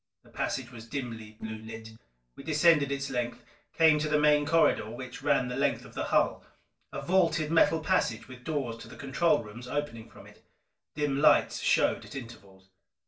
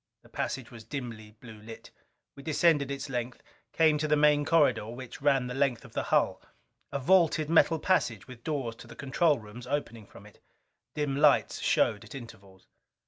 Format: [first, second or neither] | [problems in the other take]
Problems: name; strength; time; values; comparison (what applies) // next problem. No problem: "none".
second | noise reduction (neural separator model SepFormer DNS4)